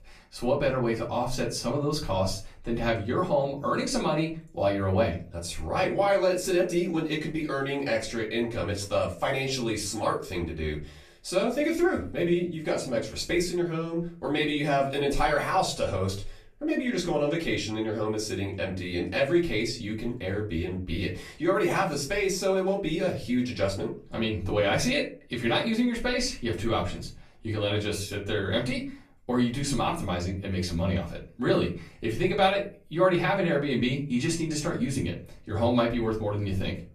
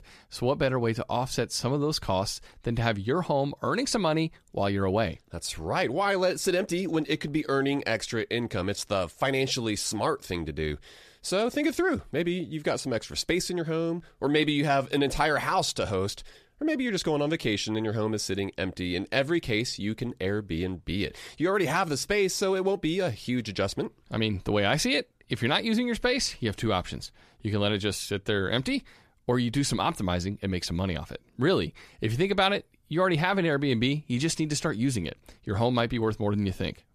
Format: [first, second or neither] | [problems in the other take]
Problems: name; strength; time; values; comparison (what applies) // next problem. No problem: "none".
second | off-mic speech; far // room echo; very slight; dies away in 0.3 s